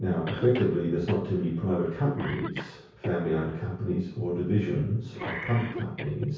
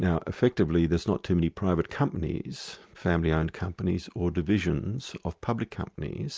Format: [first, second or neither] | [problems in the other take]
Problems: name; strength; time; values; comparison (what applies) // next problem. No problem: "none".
second | background sound (Cough); 14 dB below the speech // room echo; dies away in 0.6 s